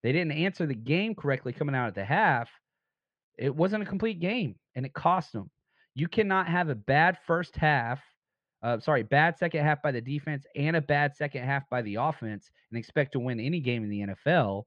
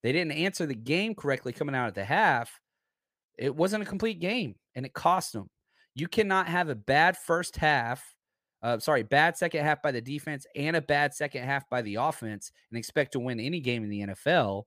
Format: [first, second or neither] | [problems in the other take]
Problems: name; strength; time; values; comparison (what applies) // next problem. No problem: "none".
second | muffled; slightly; fading above 3.5 kHz